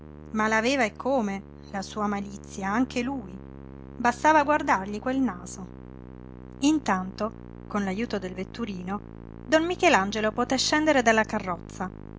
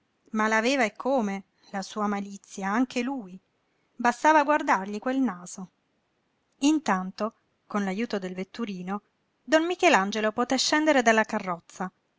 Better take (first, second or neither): second